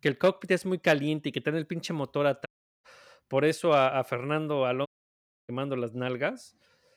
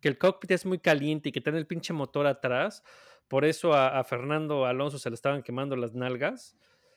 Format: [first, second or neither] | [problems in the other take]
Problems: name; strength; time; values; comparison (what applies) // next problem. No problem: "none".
second | audio cutting out; at 2.5 s and at 5 s for 0.5 s